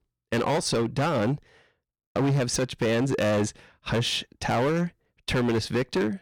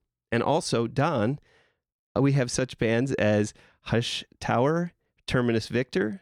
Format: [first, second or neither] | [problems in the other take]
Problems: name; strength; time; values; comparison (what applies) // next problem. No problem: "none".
second | distortion; heavy; 16% of the sound clipped